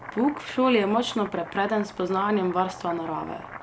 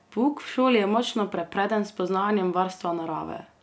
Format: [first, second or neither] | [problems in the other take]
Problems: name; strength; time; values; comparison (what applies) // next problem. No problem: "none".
second | background sound (Domestic sounds, home sounds); 15 dB below the speech